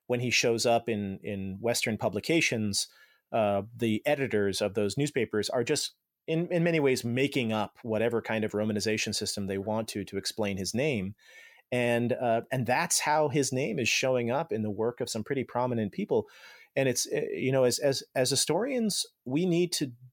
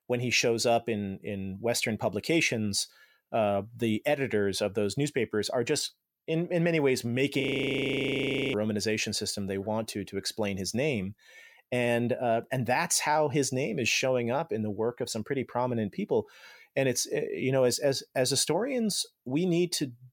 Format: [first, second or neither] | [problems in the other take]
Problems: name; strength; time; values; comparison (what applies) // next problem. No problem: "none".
first | audio freezing; at 7.5 s for 1 s